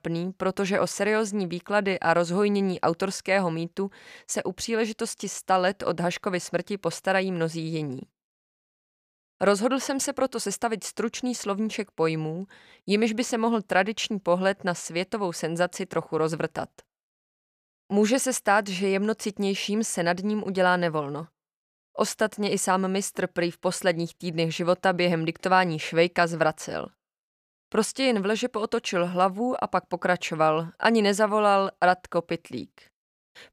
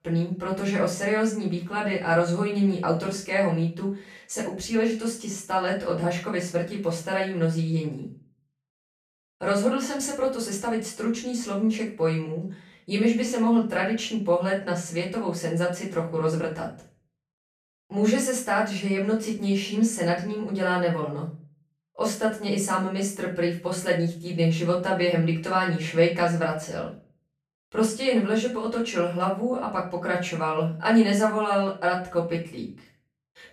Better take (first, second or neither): first